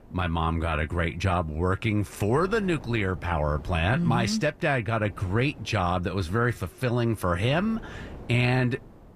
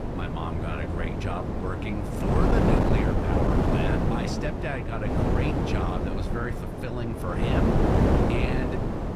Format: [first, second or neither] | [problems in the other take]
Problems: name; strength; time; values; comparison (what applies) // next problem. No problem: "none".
first | wind noise on the microphone; heavy; 4 dB above the speech; occasional gusts in the first